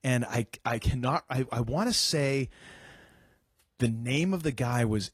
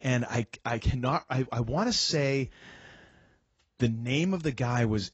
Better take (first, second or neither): first